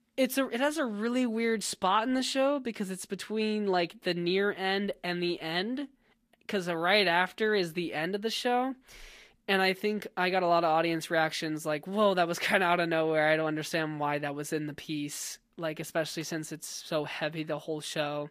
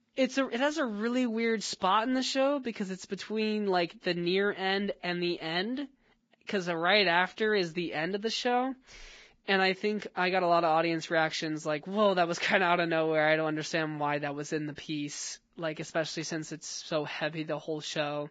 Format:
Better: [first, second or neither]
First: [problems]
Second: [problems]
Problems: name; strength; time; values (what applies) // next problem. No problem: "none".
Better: first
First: garbled, watery; slightly; nothing above 14.5 kHz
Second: garbled, watery; badly; nothing above 7.5 kHz